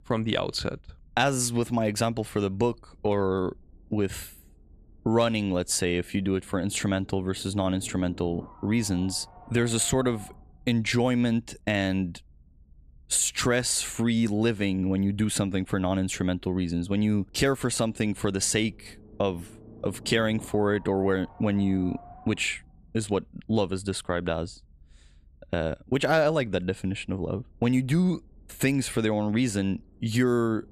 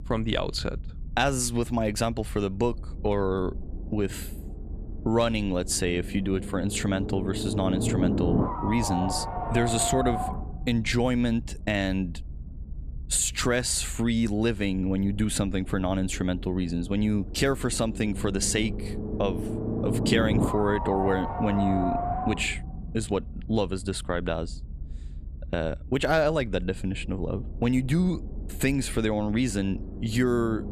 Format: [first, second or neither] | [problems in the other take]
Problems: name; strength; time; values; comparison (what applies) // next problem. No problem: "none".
first | low rumble; loud; throughout; 3 dB below the speech; faint in the first